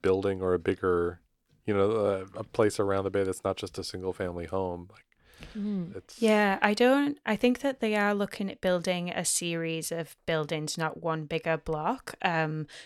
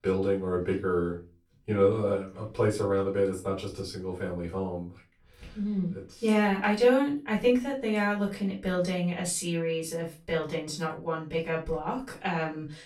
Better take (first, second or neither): first